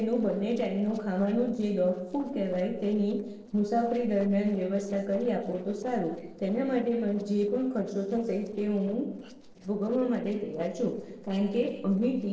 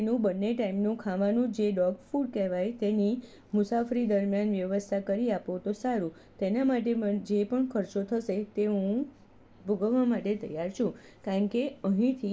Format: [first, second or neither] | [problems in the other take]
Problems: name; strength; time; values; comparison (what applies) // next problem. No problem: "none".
second | noise reduction (neural separator model SepFormer DNS4)